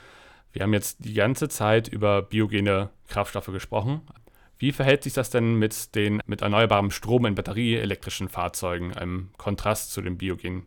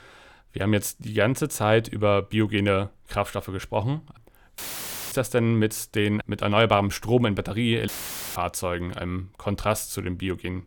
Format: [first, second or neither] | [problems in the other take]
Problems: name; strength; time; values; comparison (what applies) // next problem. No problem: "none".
first | audio cutting out; filled with static; at 4.5 s for 0.5 s and at 8 s